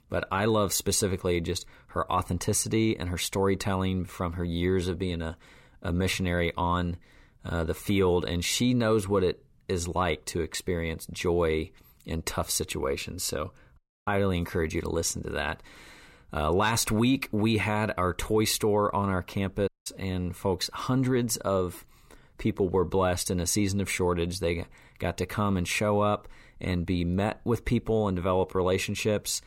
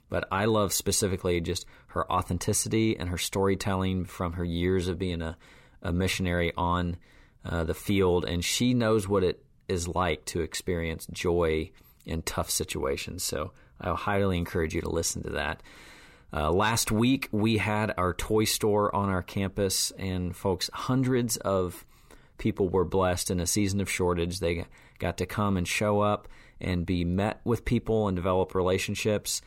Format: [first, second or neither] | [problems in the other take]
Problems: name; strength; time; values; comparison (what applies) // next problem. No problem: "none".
second | audio cutting out; at 14 s and at 20 s